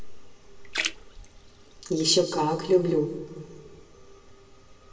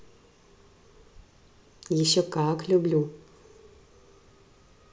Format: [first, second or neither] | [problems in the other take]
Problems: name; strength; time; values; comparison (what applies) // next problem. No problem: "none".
second | background sound (Splash, splatter); 11 dB below the speech // room echo; dies away in 1.6 s